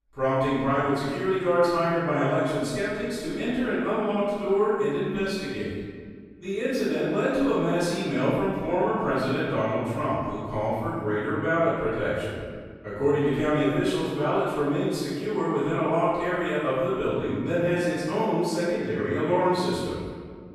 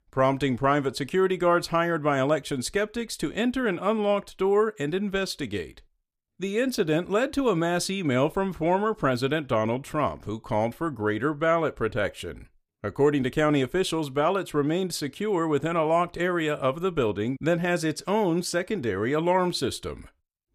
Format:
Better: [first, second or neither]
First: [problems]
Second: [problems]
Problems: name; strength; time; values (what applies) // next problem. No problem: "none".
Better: second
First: off-mic speech; far // room echo; strong; dies away in 1.8 s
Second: none